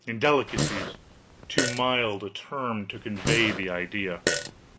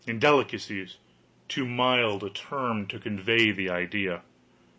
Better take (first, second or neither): second